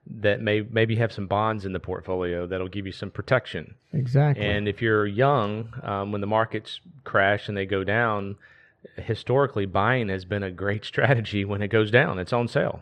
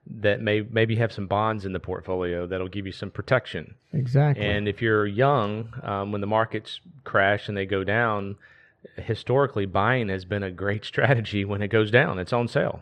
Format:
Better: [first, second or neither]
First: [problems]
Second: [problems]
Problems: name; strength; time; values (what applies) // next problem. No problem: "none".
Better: neither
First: muffled; slightly; fading above 3 kHz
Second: muffled; slightly; fading above 3 kHz